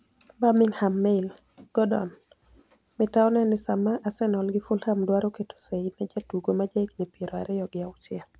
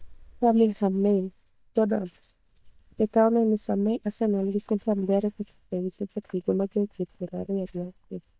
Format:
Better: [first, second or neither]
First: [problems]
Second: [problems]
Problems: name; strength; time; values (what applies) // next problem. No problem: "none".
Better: first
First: none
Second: noise reduction (neural mask model DeepFilterNet 3)